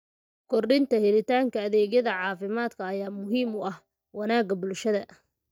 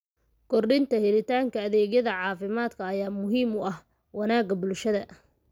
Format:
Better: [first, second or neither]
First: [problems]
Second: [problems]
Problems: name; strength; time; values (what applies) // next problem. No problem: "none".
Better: second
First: noise reduction (neural mask model DeepFilterNet 3)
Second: none